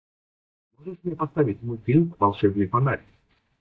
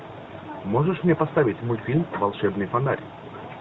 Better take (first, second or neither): second